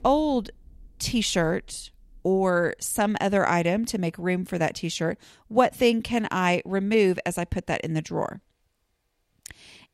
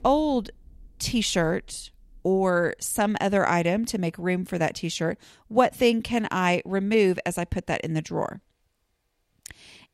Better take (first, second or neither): neither